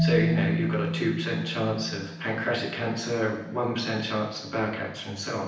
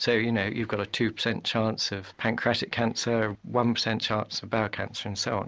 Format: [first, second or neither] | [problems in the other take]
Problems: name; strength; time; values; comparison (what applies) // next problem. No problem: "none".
second | background sound (Marimba, xylophone); 3 dB below the speech // room echo; dies away in 0.9 s